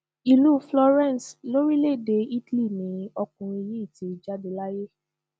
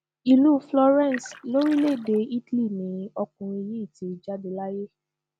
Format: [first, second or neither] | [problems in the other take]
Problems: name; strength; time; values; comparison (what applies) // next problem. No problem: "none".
first | background sound (Splash, splatter); 17 dB below the speech